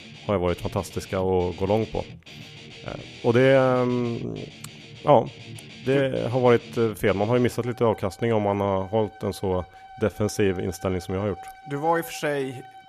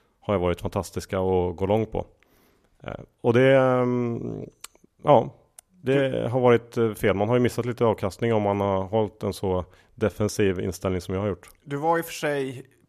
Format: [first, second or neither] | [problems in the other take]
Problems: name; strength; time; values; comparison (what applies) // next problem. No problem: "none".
second | background music; noticeable; throughout; 20 dB below the speech